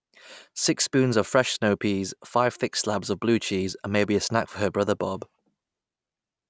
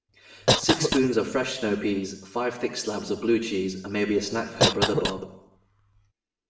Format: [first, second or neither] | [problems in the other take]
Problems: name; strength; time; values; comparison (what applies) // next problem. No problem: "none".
first | background sound (Cough); as loud as the speech // room echo; dies away in 0.7 s